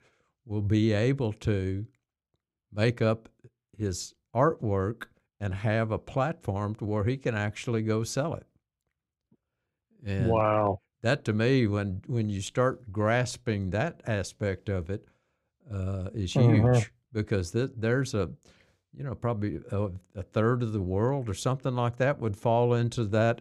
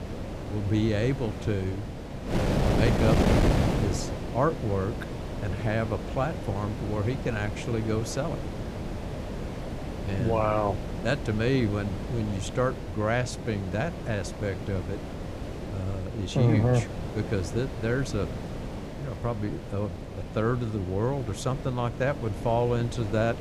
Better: first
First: none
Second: wind noise on the microphone; heavy; 6 dB below the speech

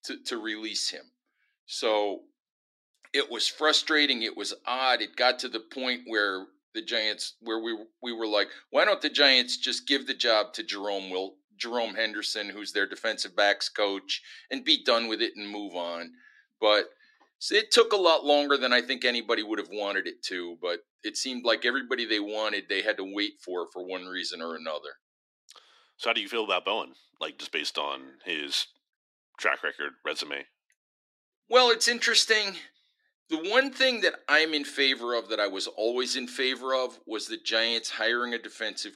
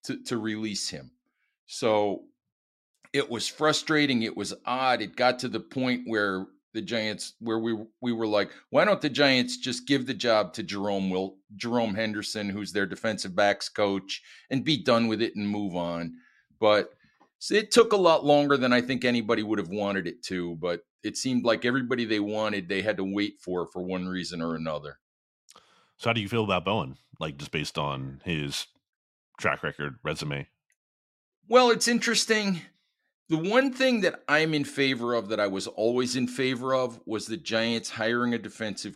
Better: second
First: thin; somewhat; fading below 300 Hz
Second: none

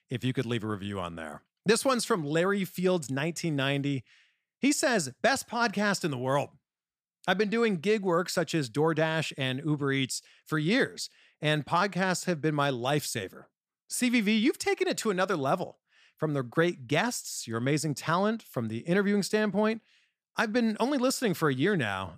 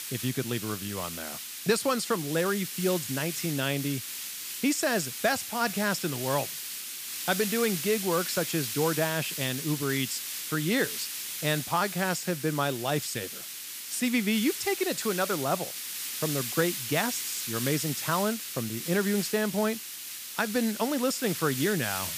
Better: first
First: none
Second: hiss; loud; throughout; 4 dB below the speech

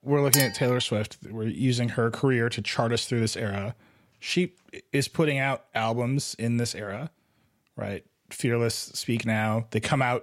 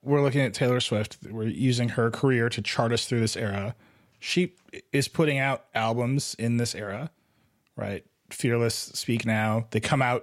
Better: second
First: clattering dishes; loud; at 0.5 s; peak 4 dB above the speech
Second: none

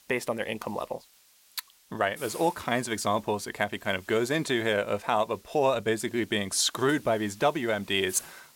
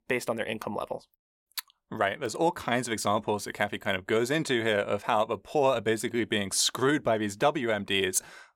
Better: second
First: hiss; faint; throughout; 20 dB below the speech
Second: none

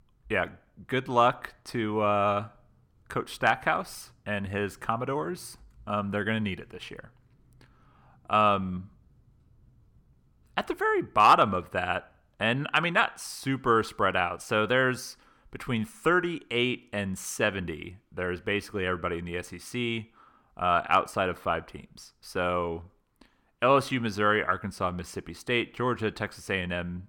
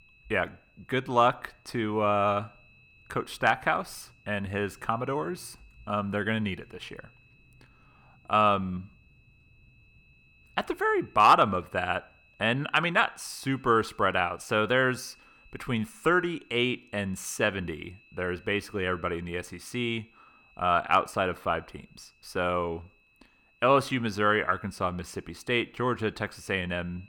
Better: first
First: none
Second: high-pitched whine; faint; throughout; 2.5 kHz, 30 dB below the speech

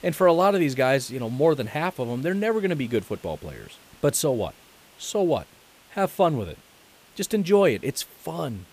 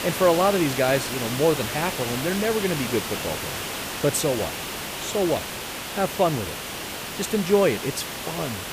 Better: first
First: hiss; faint; throughout; 25 dB below the speech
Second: hiss; loud; throughout; 5 dB below the speech

